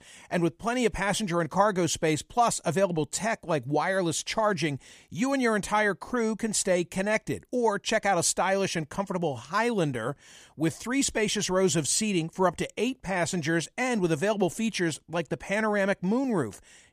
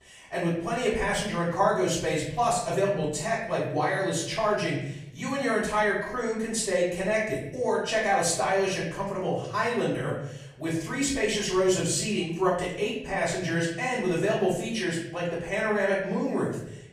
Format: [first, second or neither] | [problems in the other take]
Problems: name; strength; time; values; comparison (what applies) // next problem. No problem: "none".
first | off-mic speech; far // room echo; noticeable; dies away in 0.8 s